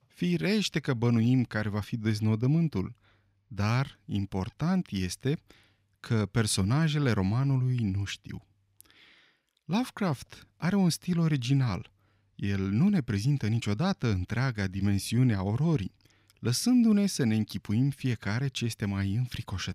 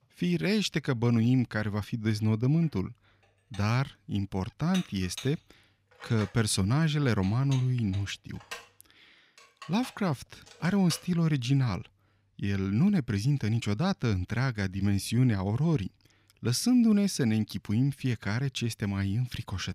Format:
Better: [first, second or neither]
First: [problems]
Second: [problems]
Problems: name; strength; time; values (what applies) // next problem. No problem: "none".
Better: first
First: none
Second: clattering dishes; faint; from 2.5 to 11 s; peak 15 dB below the speech